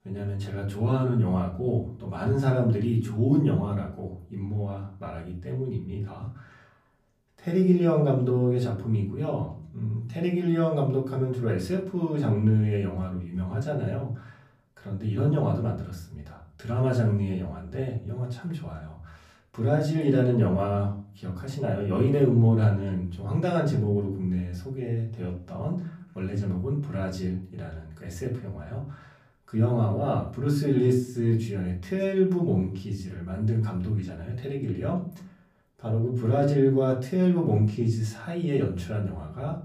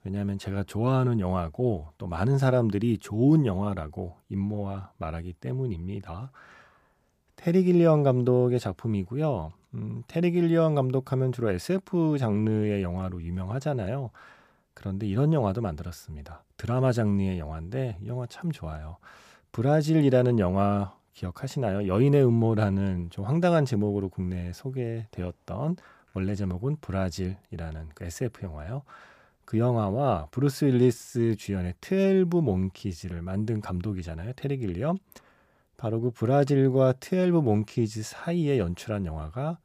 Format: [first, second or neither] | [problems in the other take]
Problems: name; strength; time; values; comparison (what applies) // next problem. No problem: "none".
second | off-mic speech; far // room echo; slight; dies away in 0.4 s